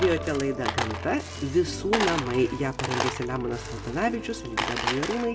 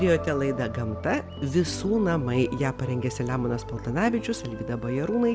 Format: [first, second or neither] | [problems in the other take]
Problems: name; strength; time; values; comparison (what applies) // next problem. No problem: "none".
second | background sound (Coin (dropping)); 6 dB below the speech // room echo; dies away in 0.4 s